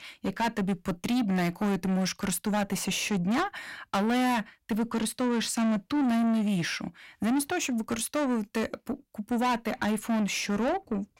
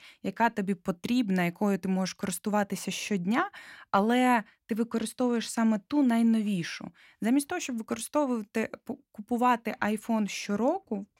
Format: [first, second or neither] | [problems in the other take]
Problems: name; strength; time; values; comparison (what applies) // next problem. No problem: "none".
second | distortion; heavy; 8 dB below the speech